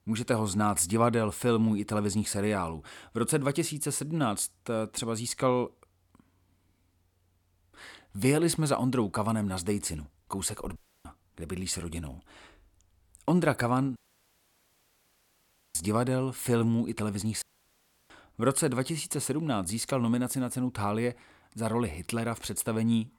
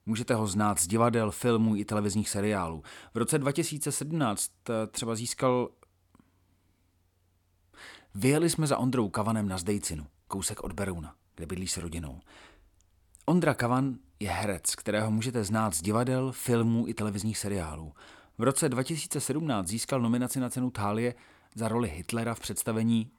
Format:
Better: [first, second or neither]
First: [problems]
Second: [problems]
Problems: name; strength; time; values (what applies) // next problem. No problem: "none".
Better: second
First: audio cutting out; at 11 s, at 14 s for 2 s and at 17 s for 0.5 s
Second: none